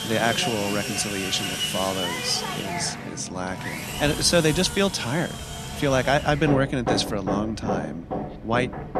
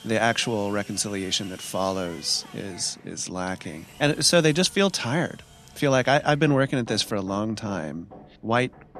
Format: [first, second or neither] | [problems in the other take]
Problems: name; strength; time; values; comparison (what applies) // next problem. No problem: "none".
second | machinery noise; loud; throughout; 5 dB below the speech; faint in the second